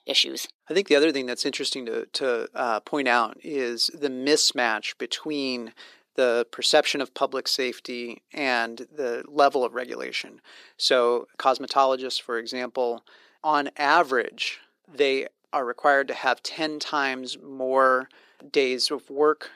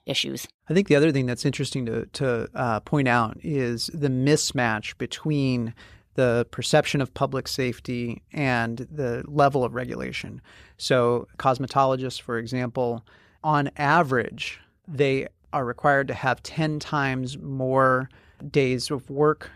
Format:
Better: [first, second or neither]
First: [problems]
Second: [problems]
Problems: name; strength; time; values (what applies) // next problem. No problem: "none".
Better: second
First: thin; somewhat; fading below 300 Hz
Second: none